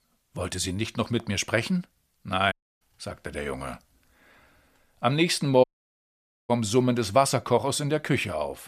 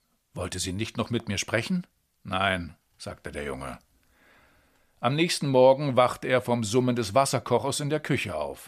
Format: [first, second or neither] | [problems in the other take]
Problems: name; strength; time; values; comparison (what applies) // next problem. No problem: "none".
second | audio cutting out; at 2.5 s and at 5.5 s for 1 s